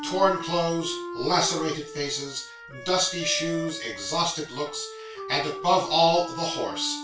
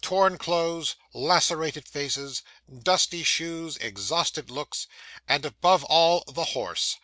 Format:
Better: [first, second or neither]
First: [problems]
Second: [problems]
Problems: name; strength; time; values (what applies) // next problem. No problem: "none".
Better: second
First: background sound (Wind instrument, woodwind instrument); 10 dB below the speech // room echo; dies away in 0.3 s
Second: none